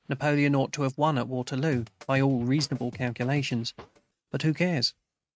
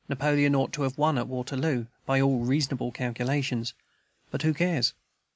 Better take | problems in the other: second | noise reduction (neural mask model RNNoise)

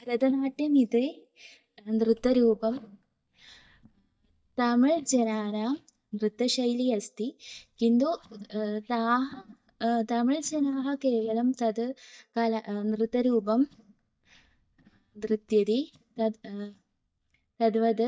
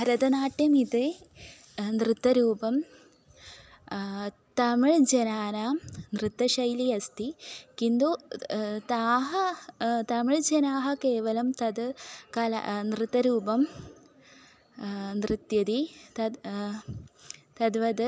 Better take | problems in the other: second | noise reduction (neural mask model DeepFilterNet 3)

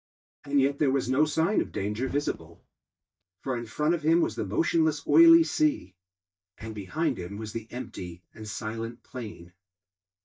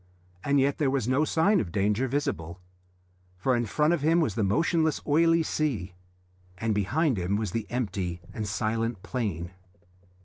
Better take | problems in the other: second | noise reduction (neural mask model DeepFilterNet 3)

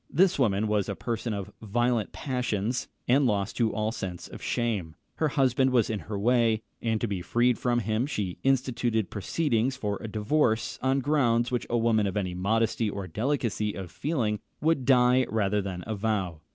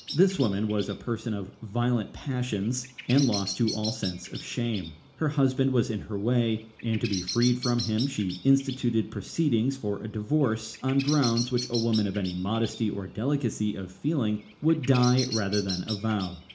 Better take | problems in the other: first | background sound (Bird vocalization, bird call, bird song); 14 dB below the speech // room echo; dies away in 0.4 s

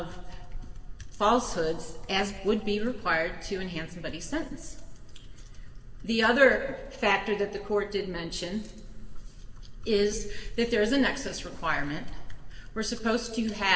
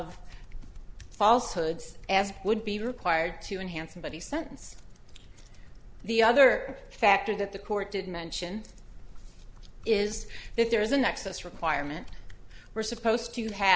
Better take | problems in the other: second | room echo; dies away in 1.4 s

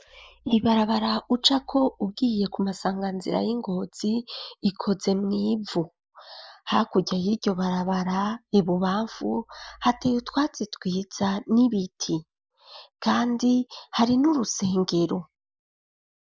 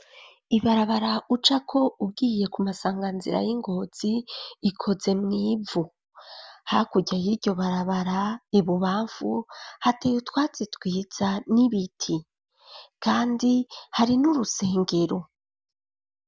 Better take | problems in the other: second | noise reduction (neural mask model Resemble Enhance denoiser)

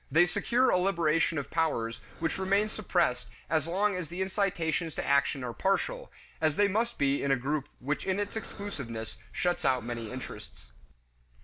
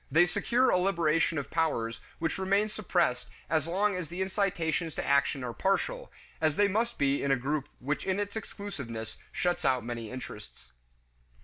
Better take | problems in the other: second | background sound (Breathing); 17 dB below the speech

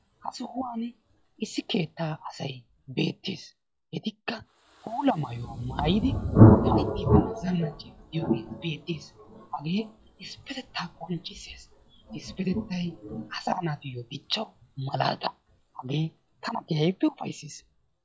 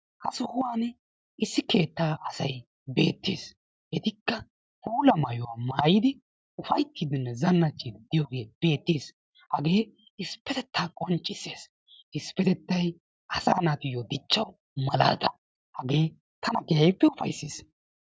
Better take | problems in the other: second | noise reduction (classical method log-MMSE)

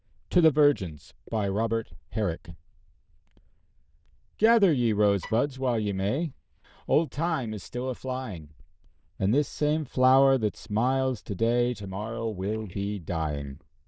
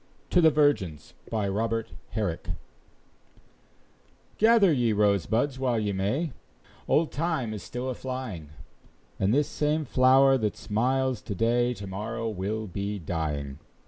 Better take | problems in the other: second | noise reduction (neural diffusion model UNIVERSE++)

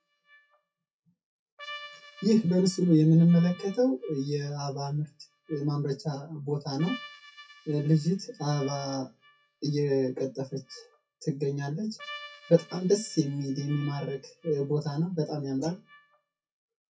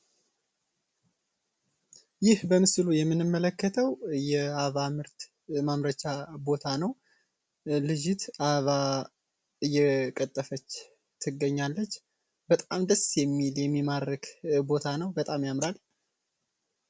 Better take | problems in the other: second | noise reduction (classical method WPE with log-MMSE)

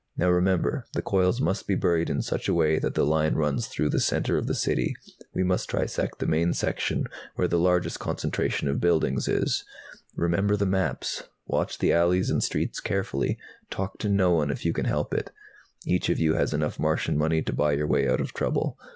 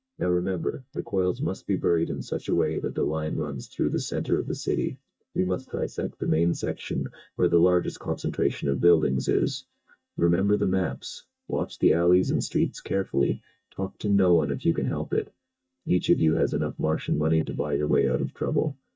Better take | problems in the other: first | noise reduction (neural mask model DeepFilterNet 3)

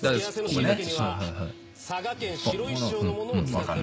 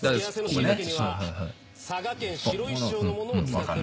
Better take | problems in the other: second | background sound (Wind instrument, woodwind instrument); 19 dB below the speech

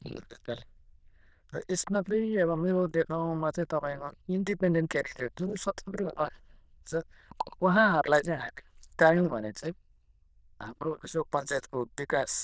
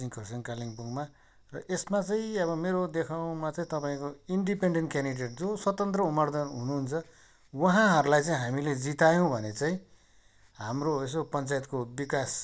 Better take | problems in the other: second | noise reduction (neural diffusion model UNIVERSE++)

